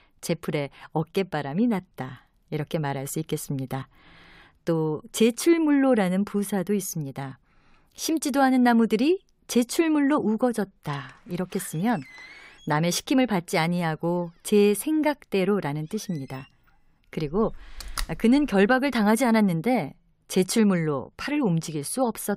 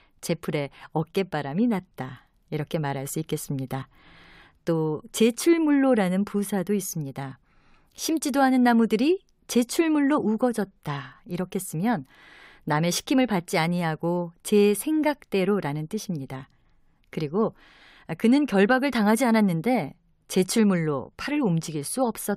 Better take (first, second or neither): second